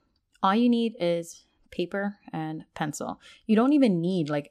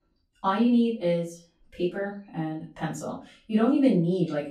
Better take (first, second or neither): first